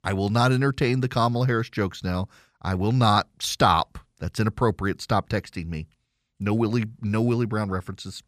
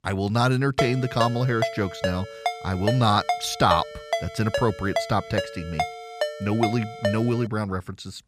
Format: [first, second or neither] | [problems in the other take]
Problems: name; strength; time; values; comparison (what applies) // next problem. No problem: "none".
first | phone ringing; noticeable; from 1 to 7 s; peak 3 dB below the speech